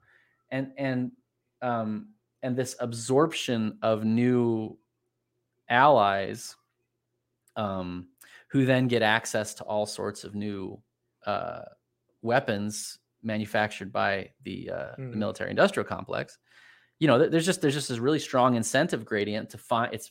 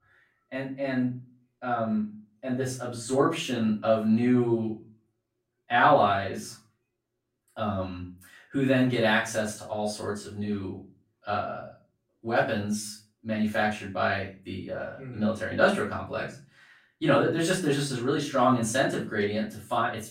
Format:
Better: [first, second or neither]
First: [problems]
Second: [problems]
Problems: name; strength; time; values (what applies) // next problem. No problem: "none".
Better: first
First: none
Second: room echo; slight; dies away in 0.3 s // off-mic speech; far